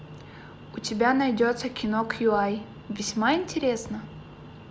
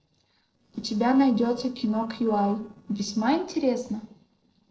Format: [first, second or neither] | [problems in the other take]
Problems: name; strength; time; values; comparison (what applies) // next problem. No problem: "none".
first | noise reduction (neural separator model SepFormer DNS4)